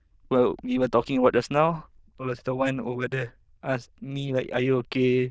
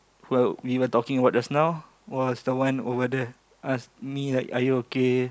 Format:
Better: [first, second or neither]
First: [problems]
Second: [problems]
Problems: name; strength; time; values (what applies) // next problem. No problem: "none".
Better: second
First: noise reduction (neural diffusion model UNIVERSE++)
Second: none